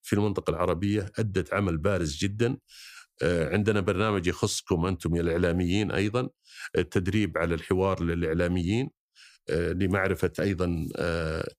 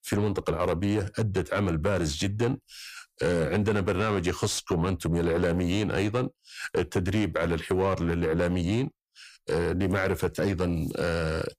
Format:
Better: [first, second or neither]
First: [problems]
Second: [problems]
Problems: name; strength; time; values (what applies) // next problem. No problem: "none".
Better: first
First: none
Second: distortion; slight; 10 dB below the speech